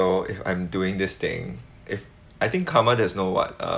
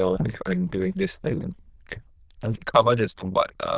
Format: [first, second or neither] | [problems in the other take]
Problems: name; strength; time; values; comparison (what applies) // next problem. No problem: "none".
first | noise reduction (neural diffusion model UNIVERSE++)